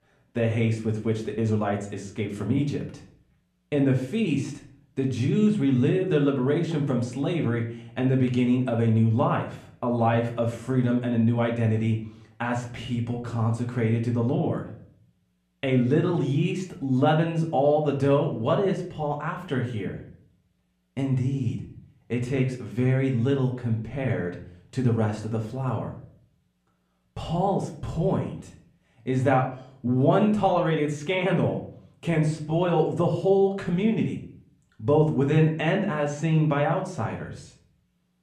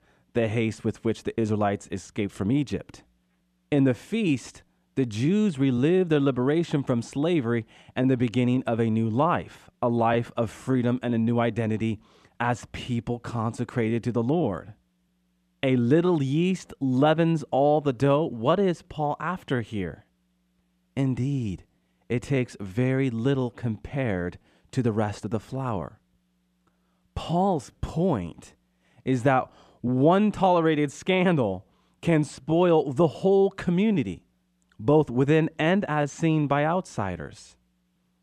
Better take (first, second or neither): second